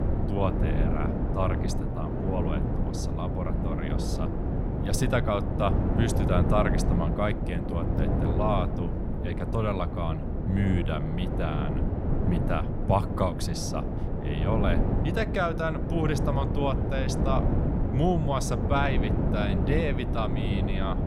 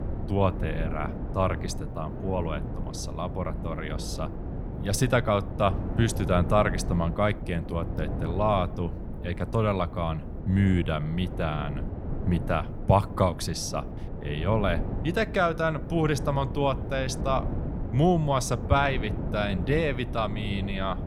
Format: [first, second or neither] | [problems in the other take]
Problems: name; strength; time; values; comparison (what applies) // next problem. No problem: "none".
second | wind noise on the microphone; heavy; 4 dB below the speech; occasional gusts in the second